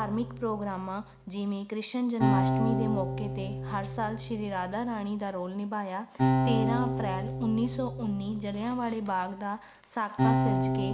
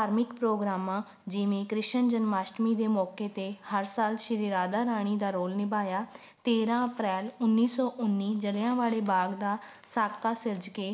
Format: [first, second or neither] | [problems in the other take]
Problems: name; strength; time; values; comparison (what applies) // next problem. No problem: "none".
second | background sound (Acoustic guitar); 1 dB above the speech